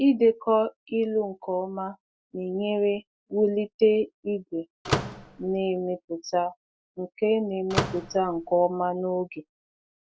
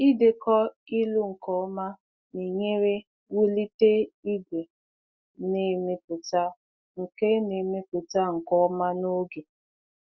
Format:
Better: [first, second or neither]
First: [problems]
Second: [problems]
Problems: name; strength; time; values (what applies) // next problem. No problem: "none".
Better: second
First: background sound (Slam / Microwave oven); 5 dB below the speech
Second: none